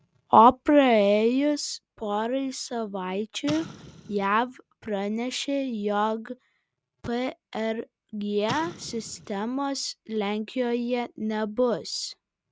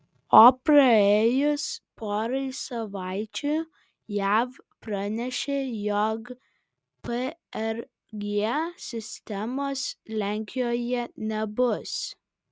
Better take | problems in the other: second | background sound (Explosion); 17 dB below the speech

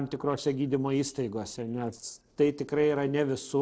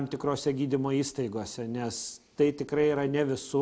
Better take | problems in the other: second | noise reduction (neural separator model SepFormer DNS4)

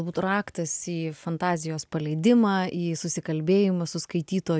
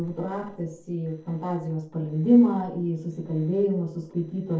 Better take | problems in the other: first | noise reduction (neural separator model SepFormer DNS4)

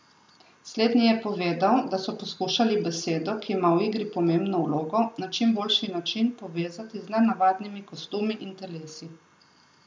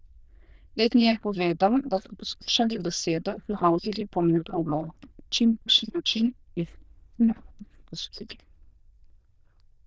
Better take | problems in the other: first | noise reduction (neural diffusion model UNIVERSE++)

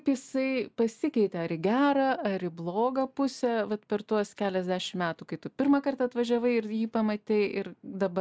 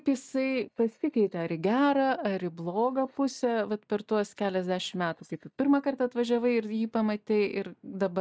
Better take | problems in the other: first | noise reduction (neural mask model DeepFilterNet 3)

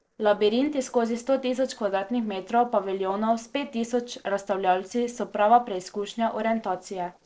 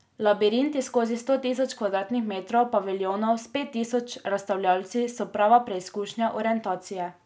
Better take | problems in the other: second | noise reduction (neural separator model SepFormer DNS4)

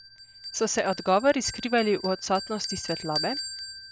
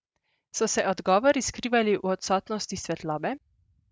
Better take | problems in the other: second | background sound (Bell); 10 dB below the speech

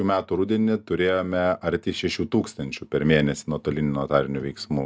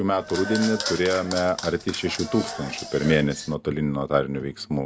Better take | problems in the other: first | background sound (Applause / Clapping); 9 dB below the speech

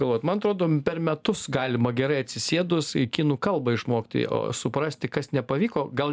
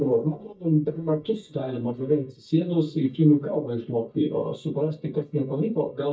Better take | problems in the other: first | noise reduction (neural mask model DeepFilterNet 3)

